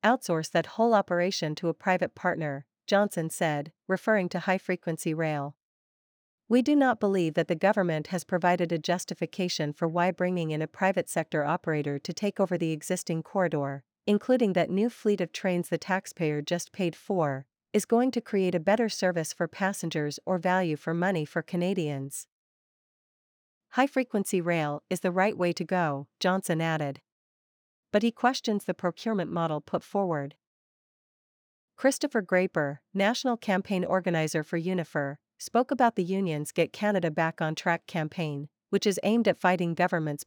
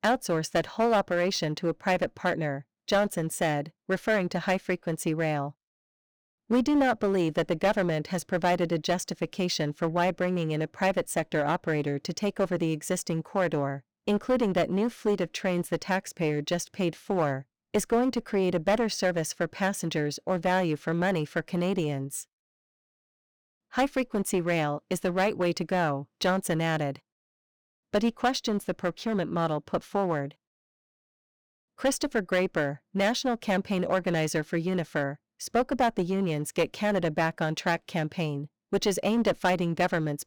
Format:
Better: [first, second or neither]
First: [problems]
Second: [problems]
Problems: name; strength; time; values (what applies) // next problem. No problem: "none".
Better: first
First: none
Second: distortion; slight; 7% of the sound clipped